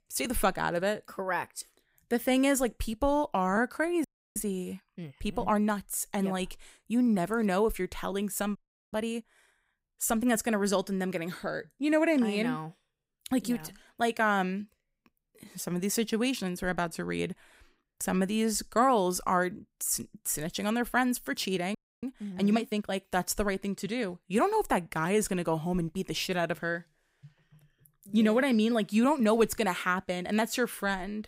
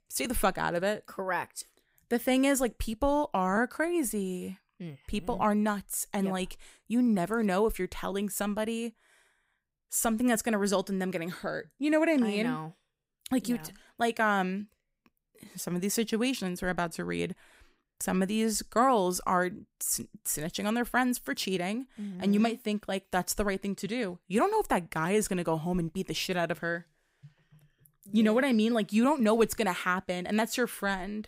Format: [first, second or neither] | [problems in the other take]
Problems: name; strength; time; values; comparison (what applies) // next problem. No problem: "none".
second | audio freezing; at 4 s, at 8.5 s and at 22 s